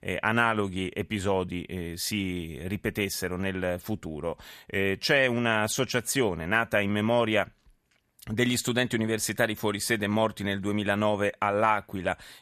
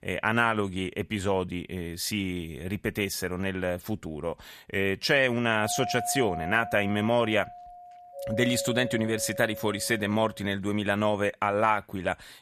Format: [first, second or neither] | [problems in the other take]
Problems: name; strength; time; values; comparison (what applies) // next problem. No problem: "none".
first | doorbell; noticeable; from 5.5 to 10 s; peak 6 dB below the speech